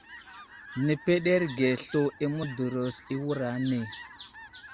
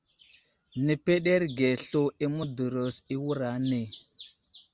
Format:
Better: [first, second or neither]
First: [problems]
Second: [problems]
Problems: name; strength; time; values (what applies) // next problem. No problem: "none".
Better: second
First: background sound (Fowl); 17 dB below the speech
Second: none